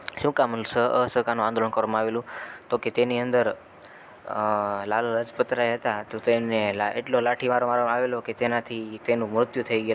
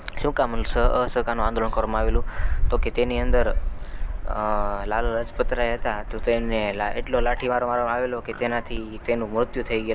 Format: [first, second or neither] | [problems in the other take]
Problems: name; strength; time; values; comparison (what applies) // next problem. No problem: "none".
first | background sound (Gull, seagull); as loud as the speech